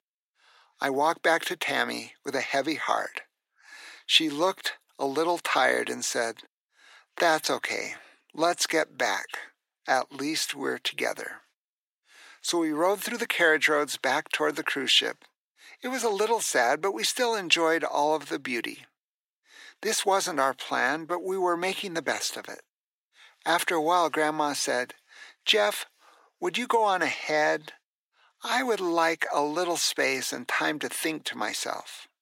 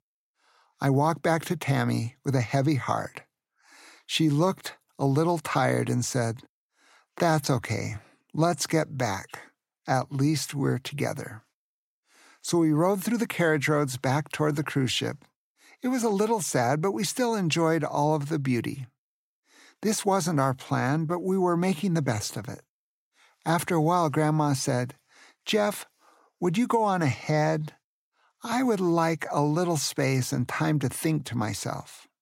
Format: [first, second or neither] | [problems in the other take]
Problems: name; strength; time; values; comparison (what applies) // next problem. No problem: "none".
second | thin; very; fading below 350 Hz